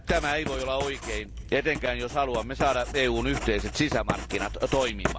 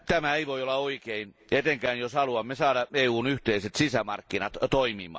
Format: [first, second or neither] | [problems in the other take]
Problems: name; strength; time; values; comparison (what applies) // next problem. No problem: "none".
second | background sound (Writing); 6 dB below the speech